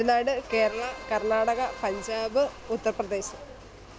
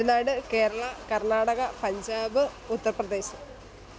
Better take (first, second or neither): second